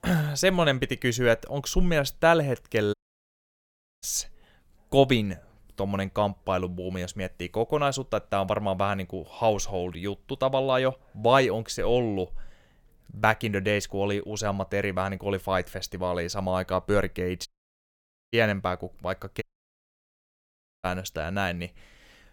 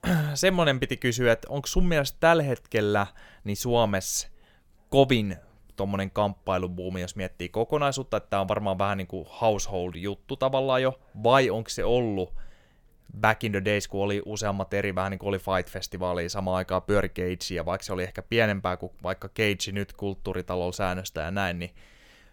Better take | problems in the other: second | audio cutting out; at 3 s for 1 s, at 17 s for 1 s and at 19 s for 1.5 s

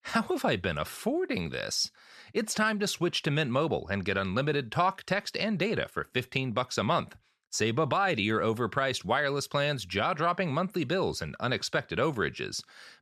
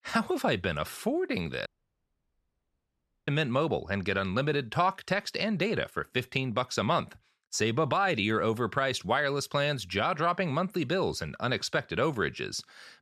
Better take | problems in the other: first | audio cutting out; at 1.5 s for 1.5 s

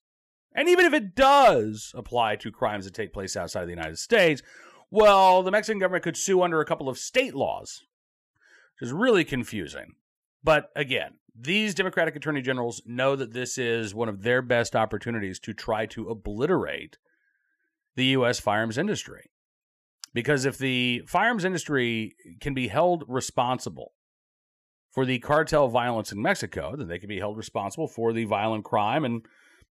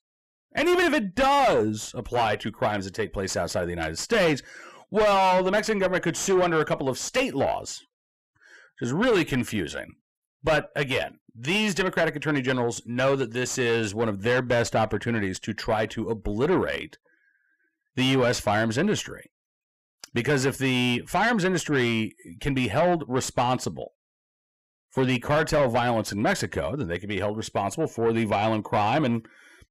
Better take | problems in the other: first | distortion; heavy; 7 dB below the speech

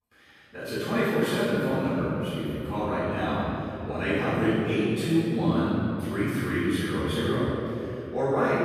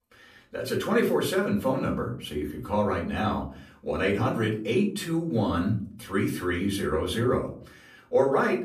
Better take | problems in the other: second | room echo; strong; dies away in 2.8 s; slight in the second // off-mic speech; far; far in the second

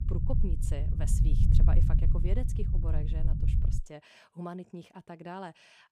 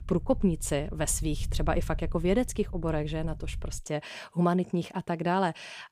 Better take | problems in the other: second | low rumble; loud; until 4 s; 1 dB below the speech; faint in the second

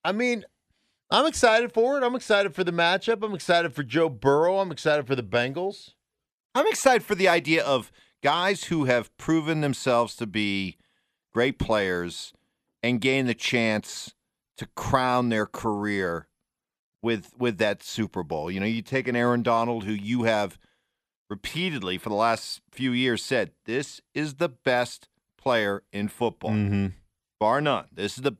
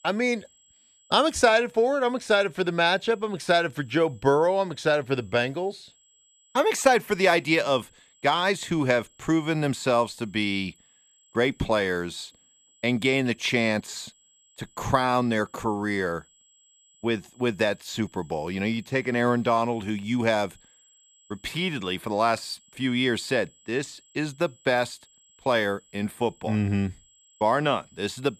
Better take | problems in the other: first | high-pitched whine; faint; throughout; 7.5 kHz, 30 dB below the speech

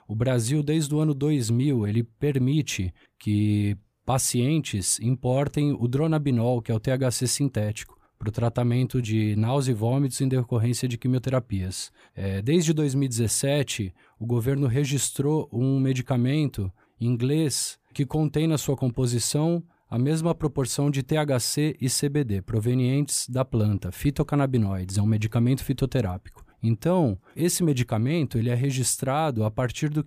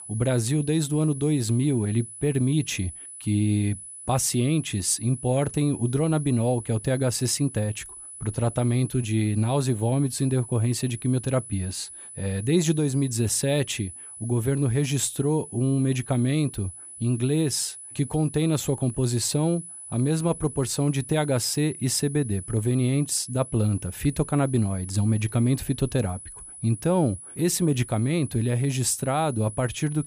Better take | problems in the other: first | high-pitched whine; noticeable; throughout; 10 kHz, 15 dB below the speech

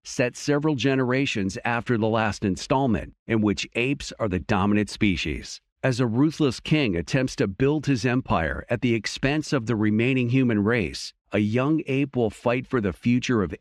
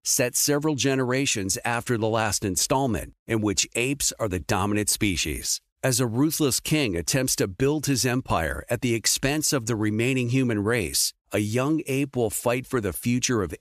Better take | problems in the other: second | muffled; slightly; fading above 3 kHz

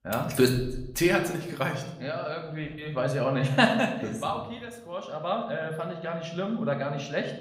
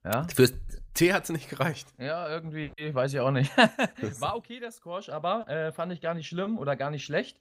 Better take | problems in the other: second | room echo; slight; dies away in 0.8 s

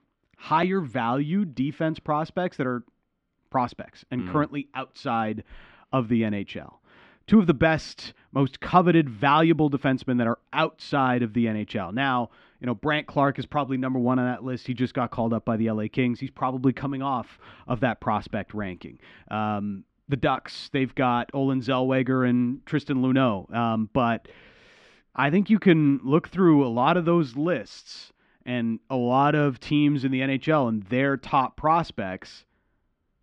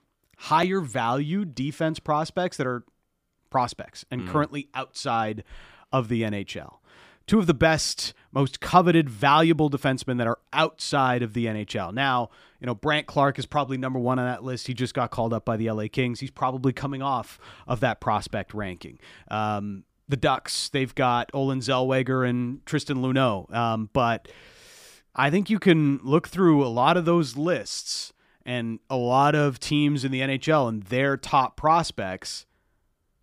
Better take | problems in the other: second | muffled; slightly; fading above 2.5 kHz

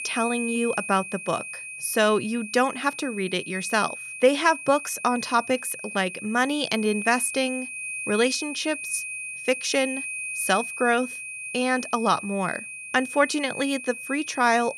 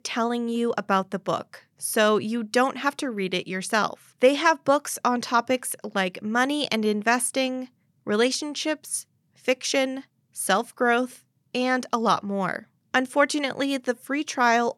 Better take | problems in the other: second | high-pitched whine; loud; throughout; 2.5 kHz, 8 dB below the speech

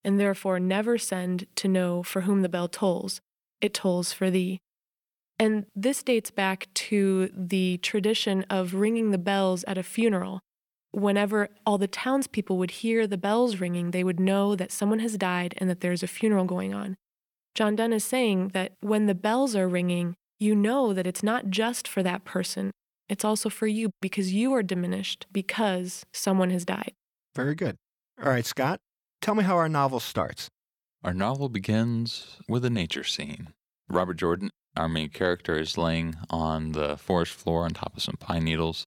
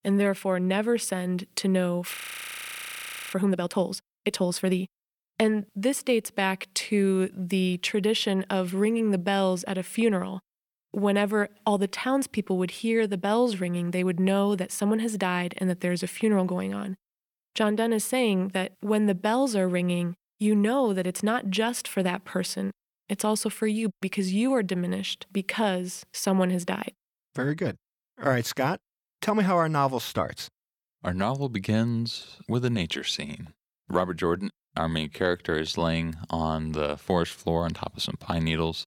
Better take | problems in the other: first | audio freezing; at 2 s for 1 s

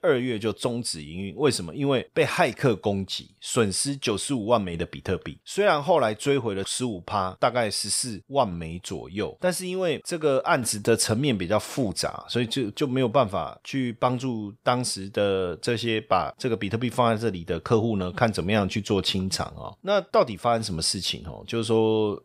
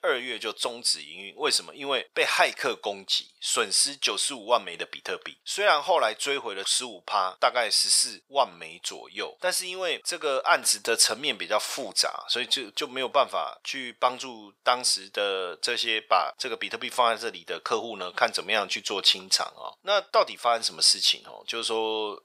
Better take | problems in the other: first | thin; very; fading below 750 Hz

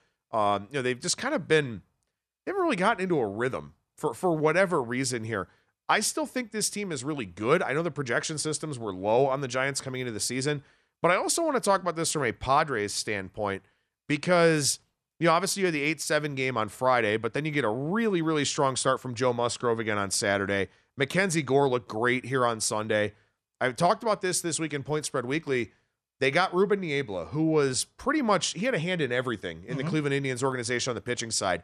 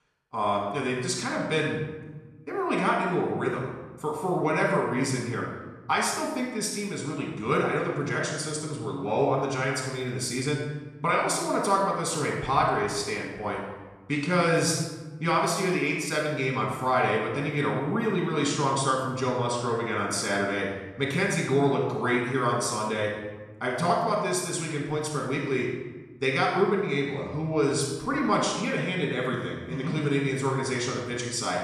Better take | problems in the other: first | off-mic speech; far // room echo; noticeable; dies away in 1 s

